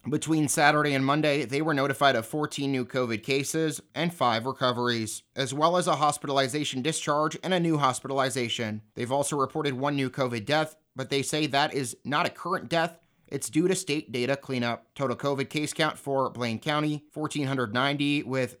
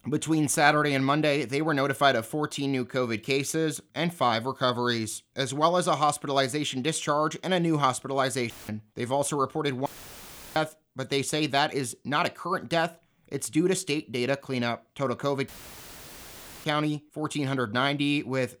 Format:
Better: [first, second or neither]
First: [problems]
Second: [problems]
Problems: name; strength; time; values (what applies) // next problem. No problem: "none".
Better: first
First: none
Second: audio cutting out; filled with static; at 8.5 s, at 10 s for 0.5 s and at 15 s for 1 s